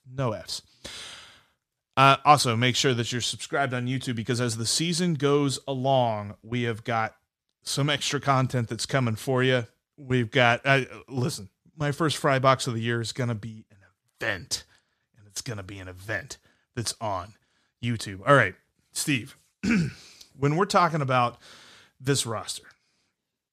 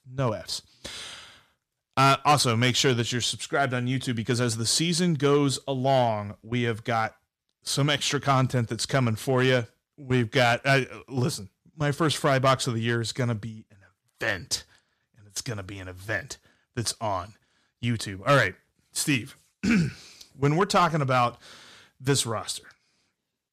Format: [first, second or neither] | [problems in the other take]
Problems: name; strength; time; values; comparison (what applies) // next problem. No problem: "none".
first | distortion; slight; 1.5% of the sound clipped